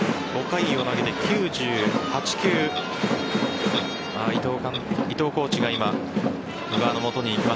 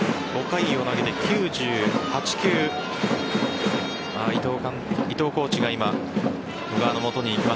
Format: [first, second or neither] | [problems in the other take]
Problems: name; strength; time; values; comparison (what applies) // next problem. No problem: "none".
second | background sound (Clock); 17 dB below the speech